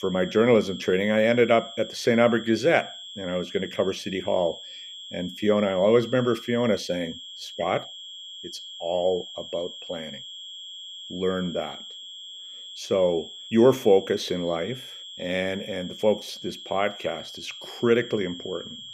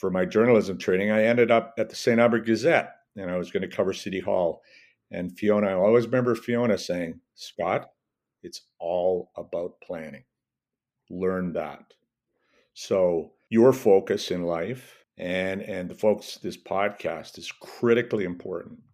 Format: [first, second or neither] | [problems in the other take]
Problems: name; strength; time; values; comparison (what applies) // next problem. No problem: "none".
second | high-pitched whine; noticeable; throughout; 3.5 kHz, 15 dB below the speech